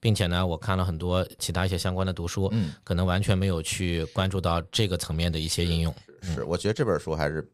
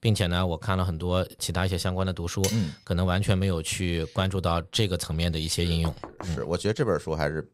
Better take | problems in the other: first | clattering dishes; noticeable; at 2.5 s; peak 5 dB below the speech // door banging; faint; at 6 s; peak 15 dB below the speech

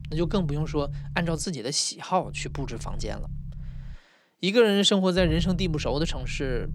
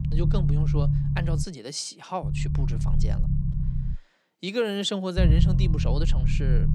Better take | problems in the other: first | low rumble; loud; until 1.5 s, from 2 to 4 s and from 5 s on; 5 dB below the speech; faint in the first

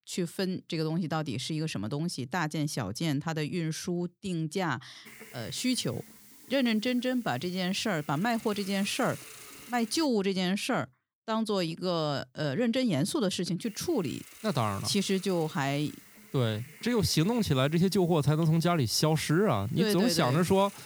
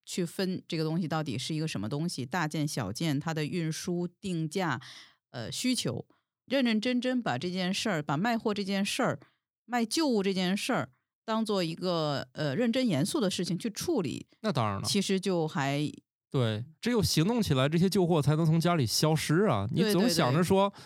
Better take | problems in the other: second | hiss; noticeable; from 5 to 10 s and from 14 s on; 20 dB below the speech

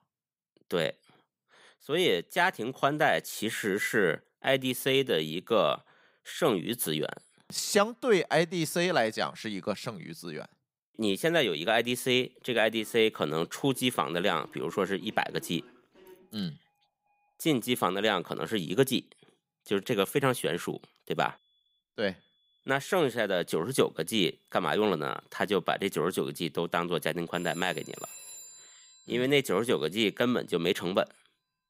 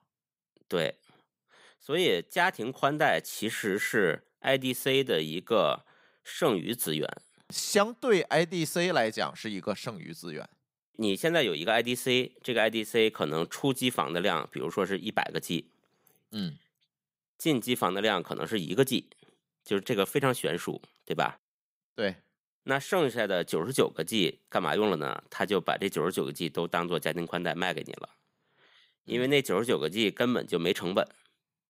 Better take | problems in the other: second | alarms or sirens; faint; from 12 s on; 20 dB below the speech

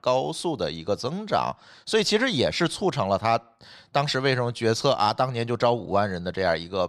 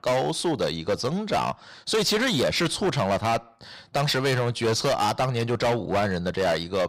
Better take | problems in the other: first | distortion; heavy; 16% of the sound clipped

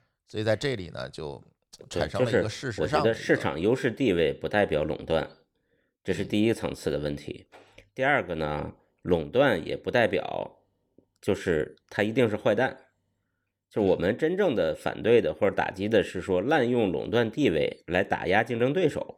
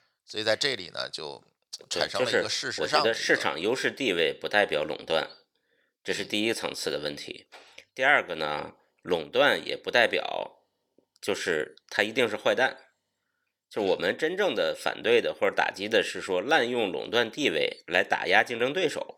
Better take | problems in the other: first | thin; somewhat; fading below 1 kHz

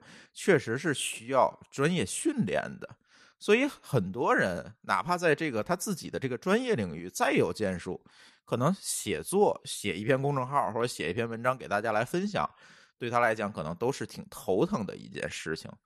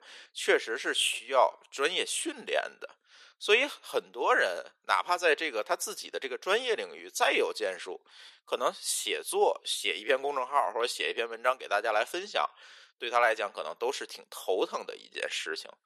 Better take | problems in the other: first | thin; very; fading below 400 Hz

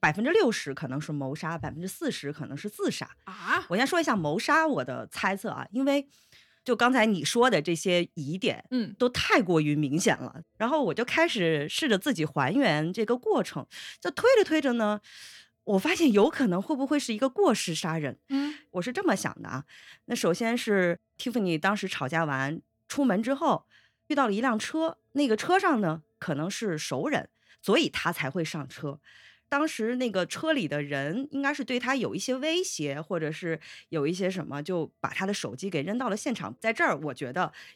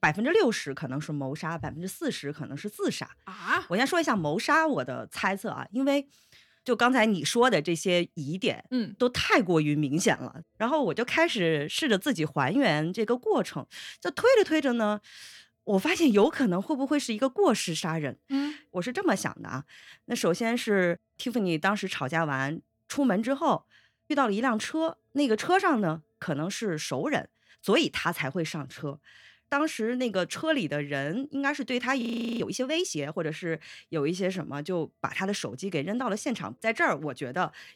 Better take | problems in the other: first | audio freezing; at 32 s

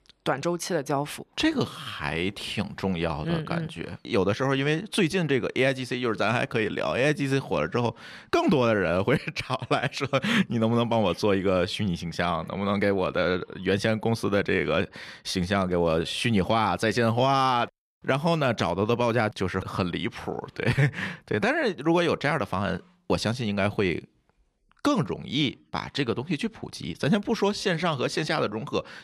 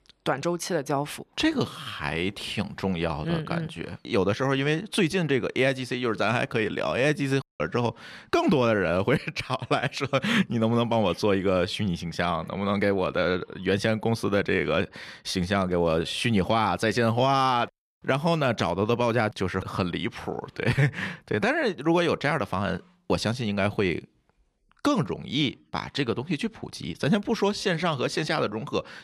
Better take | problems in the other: first | audio cutting out; at 7.5 s

